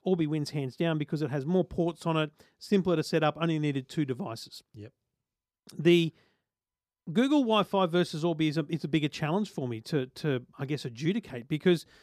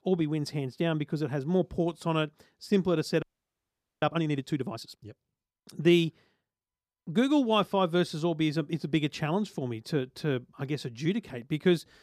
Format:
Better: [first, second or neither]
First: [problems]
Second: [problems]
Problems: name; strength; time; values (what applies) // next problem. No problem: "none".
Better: first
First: none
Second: audio freezing; at 3 s for 1 s